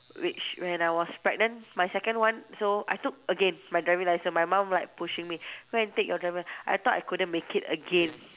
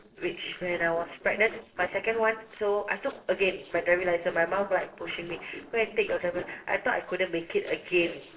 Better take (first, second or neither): first